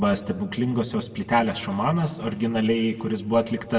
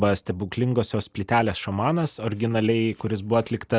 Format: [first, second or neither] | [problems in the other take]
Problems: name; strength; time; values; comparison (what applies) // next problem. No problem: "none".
second | room echo; dies away in 1.3 s